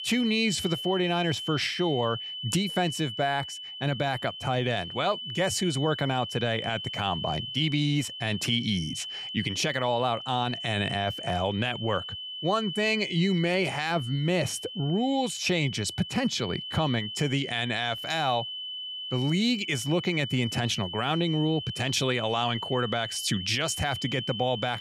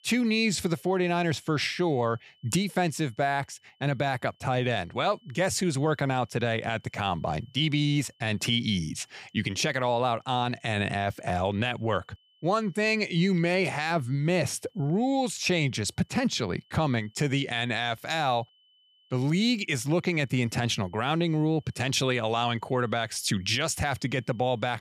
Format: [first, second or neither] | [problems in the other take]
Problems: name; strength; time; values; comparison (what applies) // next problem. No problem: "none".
second | high-pitched whine; loud; throughout; 3 kHz, 7 dB below the speech; faint in the second